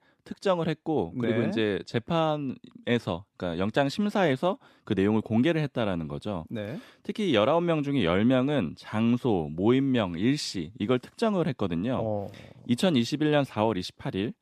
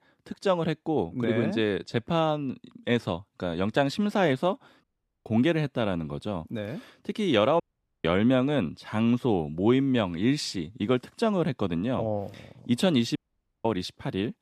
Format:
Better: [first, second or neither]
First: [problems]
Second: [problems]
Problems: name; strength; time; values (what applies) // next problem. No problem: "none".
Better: first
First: none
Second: audio cutting out; at 5 s, at 7.5 s and at 13 s